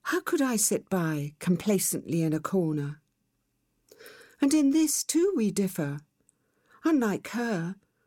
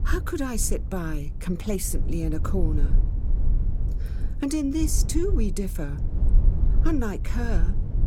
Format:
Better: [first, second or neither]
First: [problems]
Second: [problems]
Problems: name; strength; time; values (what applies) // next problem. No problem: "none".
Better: first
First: none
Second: low rumble; noticeable; throughout; 15 dB below the speech